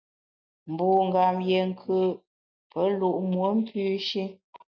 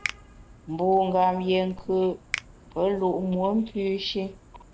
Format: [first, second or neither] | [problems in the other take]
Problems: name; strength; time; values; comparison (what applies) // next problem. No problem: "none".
first | background sound (Finger snapping + Vehicle horn, car horn, honking); 15 dB below the speech